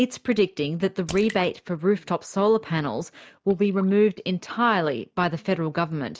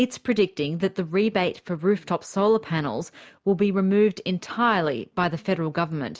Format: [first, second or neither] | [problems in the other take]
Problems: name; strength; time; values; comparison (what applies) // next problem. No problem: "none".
second | noise reduction (neural mask model DeepFilterNet 3)